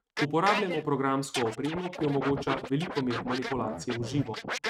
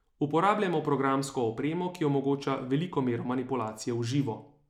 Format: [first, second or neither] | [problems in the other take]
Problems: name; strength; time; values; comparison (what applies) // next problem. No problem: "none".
second | noise reduction (neural mask model RNNoise)